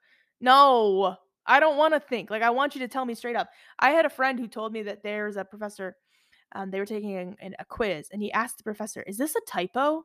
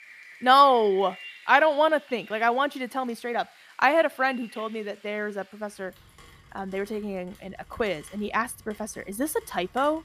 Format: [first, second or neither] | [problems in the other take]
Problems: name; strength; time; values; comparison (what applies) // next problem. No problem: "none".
first | rain or running water; faint; throughout; 25 dB below the speech